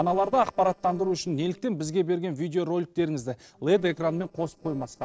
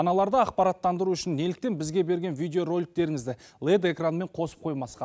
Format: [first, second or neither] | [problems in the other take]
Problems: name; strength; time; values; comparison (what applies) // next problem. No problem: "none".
second | noise reduction (neural separator model SepFormer DNS4)